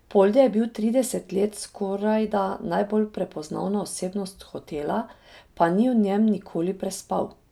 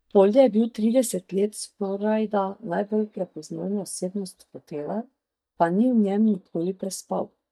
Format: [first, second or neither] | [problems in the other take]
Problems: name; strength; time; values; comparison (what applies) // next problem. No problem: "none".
first | noise reduction (neural mask model DeepFilterNet 3)